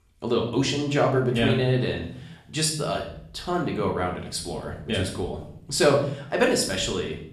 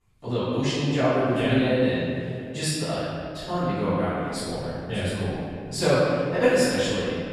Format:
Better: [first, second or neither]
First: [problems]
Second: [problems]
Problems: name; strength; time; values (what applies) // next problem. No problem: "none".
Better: first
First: room echo; slight; dies away in 0.6 s // off-mic speech; somewhat distant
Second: room echo; strong; dies away in 2.2 s // off-mic speech; far